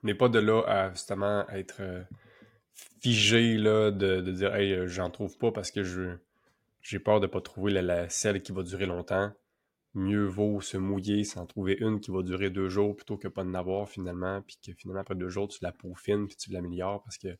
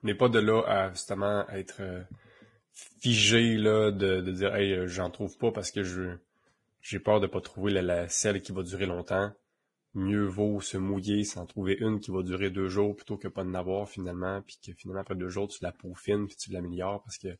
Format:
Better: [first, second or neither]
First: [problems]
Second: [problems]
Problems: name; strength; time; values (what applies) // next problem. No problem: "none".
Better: first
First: none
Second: garbled, watery; badly